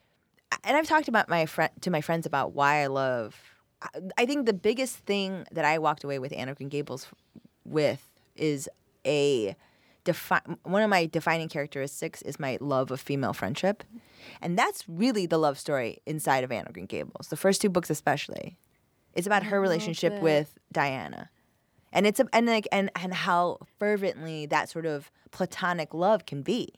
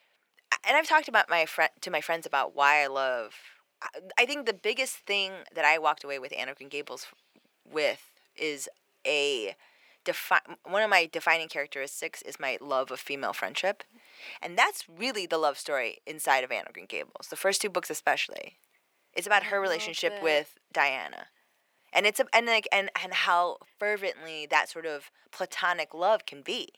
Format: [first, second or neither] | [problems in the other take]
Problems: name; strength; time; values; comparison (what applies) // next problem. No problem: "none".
first | thin; very; fading below 550 Hz